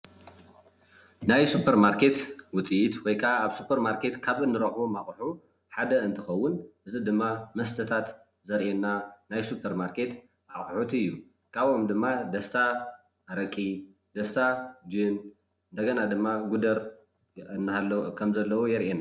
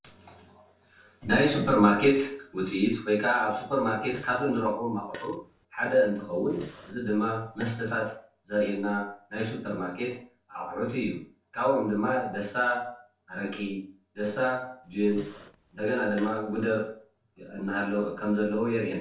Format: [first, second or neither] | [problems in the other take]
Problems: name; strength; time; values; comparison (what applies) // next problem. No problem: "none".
first | background sound (Fart); 19 dB below the speech // room echo; dies away in 0.3 s